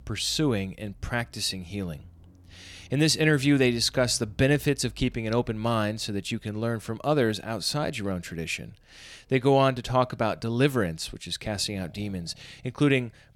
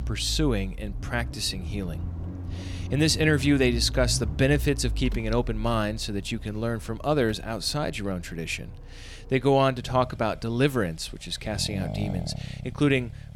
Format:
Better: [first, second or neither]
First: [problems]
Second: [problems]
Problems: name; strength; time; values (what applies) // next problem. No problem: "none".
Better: first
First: traffic noise; faint; throughout; 25 dB below the speech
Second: traffic noise; loud; throughout; 9 dB below the speech